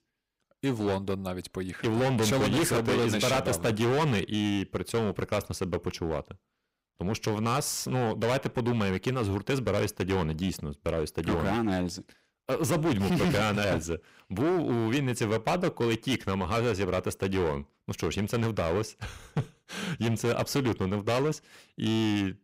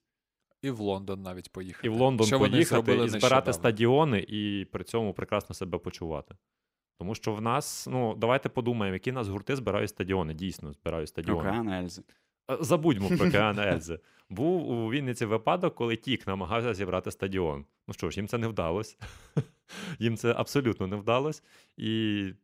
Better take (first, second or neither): second